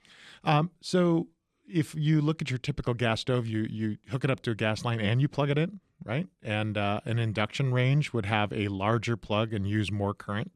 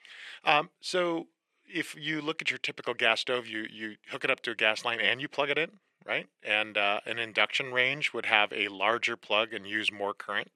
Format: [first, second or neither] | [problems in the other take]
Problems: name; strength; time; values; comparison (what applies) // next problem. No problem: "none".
first | thin; very; fading below 500 Hz